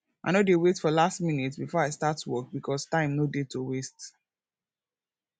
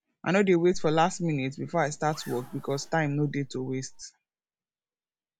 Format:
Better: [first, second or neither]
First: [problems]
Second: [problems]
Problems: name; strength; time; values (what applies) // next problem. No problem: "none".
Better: first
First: none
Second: background sound (Zipper (clothing)); 14 dB below the speech